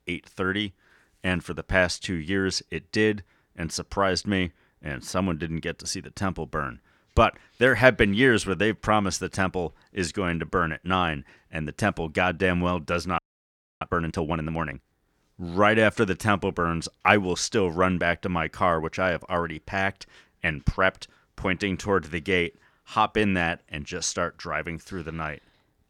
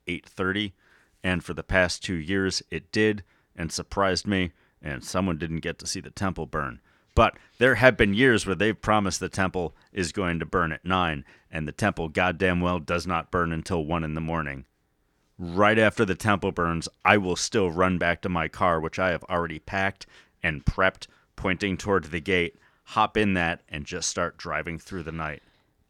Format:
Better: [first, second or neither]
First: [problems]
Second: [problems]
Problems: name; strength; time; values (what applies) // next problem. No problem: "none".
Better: second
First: audio freezing; at 13 s for 0.5 s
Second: none